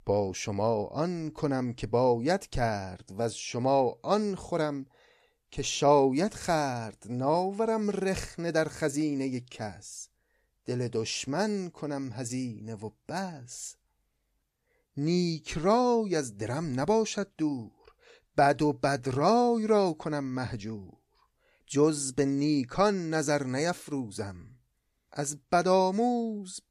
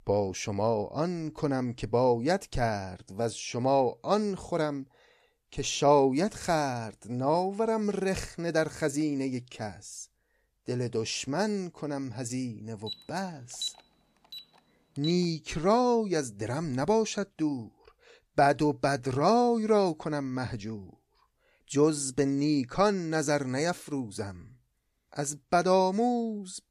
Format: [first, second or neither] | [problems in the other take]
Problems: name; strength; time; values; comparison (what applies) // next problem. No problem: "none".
first | alarm; noticeable; from 13 to 15 s; peak 7 dB below the speech